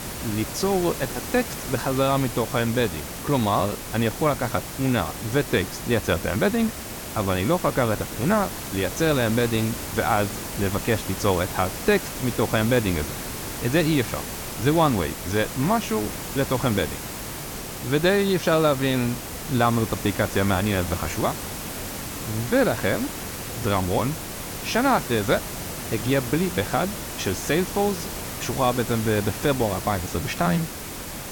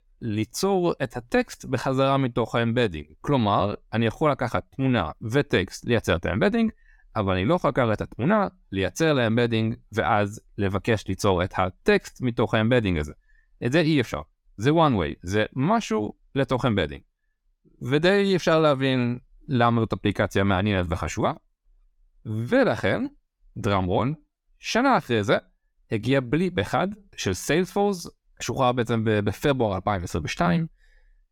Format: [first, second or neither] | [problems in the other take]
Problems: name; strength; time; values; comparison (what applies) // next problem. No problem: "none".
second | hiss; loud; throughout; 7 dB below the speech